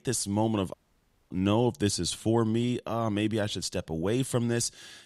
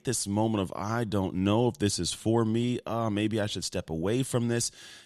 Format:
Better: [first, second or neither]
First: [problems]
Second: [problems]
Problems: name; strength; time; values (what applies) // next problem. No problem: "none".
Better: second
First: audio cutting out; at 0.5 s for 0.5 s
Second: none